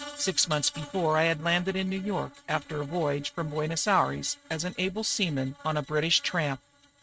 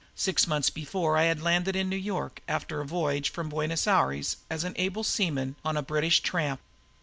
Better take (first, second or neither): second